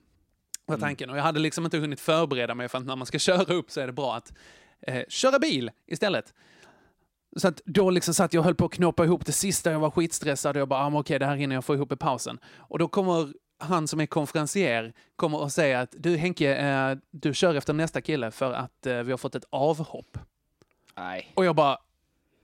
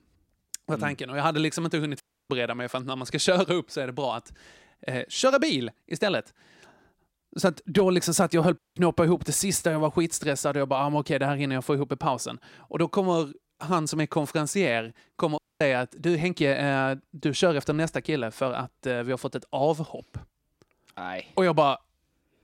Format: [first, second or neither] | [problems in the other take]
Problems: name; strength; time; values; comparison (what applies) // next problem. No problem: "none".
first | audio cutting out; at 2 s, at 8.5 s and at 15 s